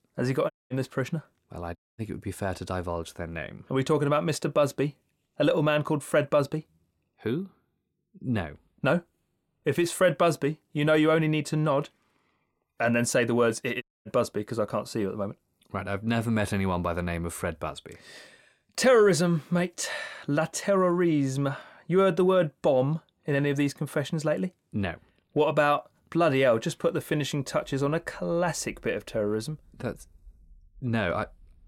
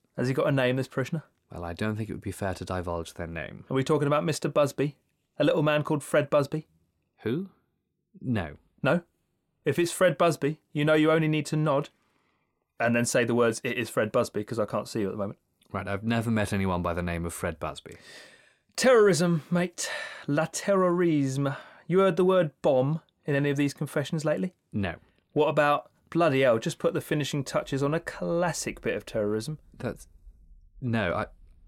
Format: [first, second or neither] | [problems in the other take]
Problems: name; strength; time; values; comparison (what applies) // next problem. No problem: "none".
second | audio cutting out; at 0.5 s, at 2 s and at 14 s